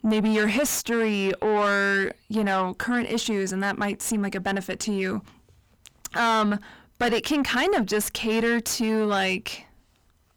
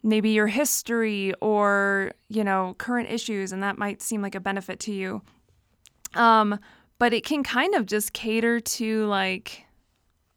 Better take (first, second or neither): second